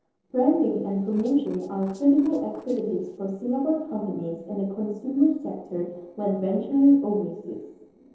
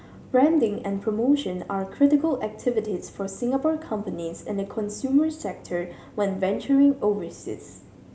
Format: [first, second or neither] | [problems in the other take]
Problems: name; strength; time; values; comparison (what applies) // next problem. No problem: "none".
second | noise reduction (neural separator model SepFormer DNS4)